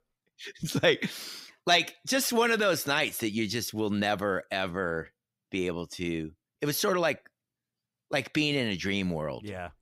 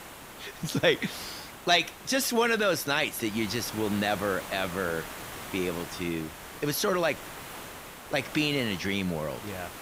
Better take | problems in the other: first | hiss; noticeable; throughout; 10 dB below the speech

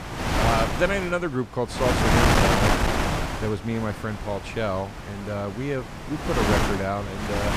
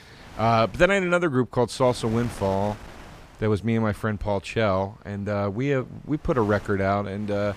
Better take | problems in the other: second | wind noise on the microphone; heavy; 4 dB above the speech; occasional gusts in the second

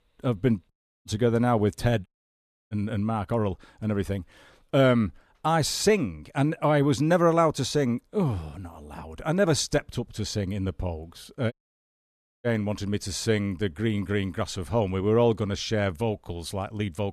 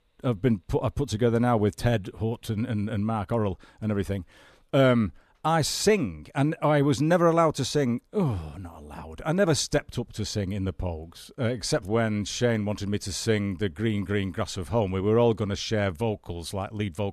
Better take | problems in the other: second | audio cutting out; at 0.5 s, at 2 s for 0.5 s and at 12 s for 1 s

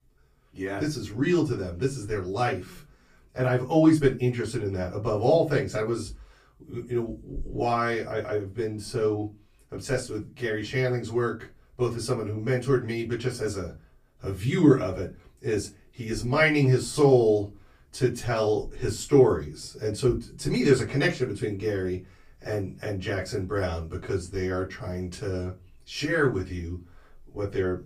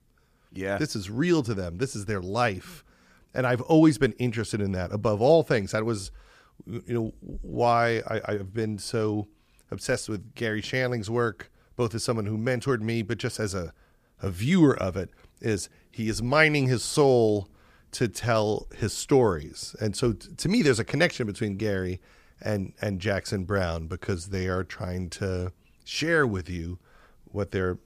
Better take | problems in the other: second | off-mic speech; far // room echo; very slight; dies away in 0.2 s

